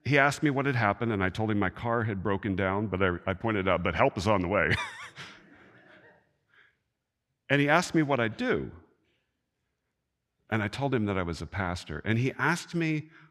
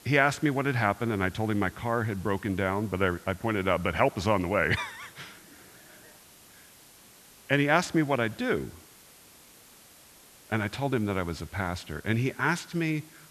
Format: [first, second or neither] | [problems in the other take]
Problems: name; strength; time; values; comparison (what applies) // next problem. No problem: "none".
first | hiss; faint; throughout; 25 dB below the speech